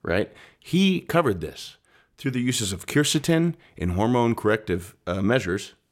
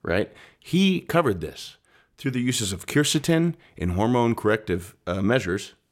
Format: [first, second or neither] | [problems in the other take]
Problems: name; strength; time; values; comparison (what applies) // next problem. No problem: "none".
neither | none